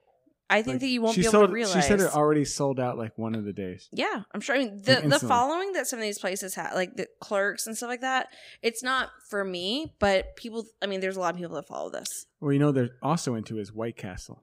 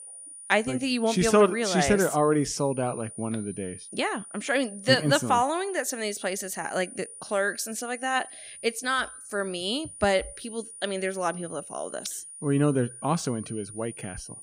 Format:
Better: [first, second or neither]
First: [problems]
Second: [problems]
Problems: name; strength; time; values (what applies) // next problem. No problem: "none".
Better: first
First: none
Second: high-pitched whine; noticeable; throughout; 9.5 kHz, 15 dB below the speech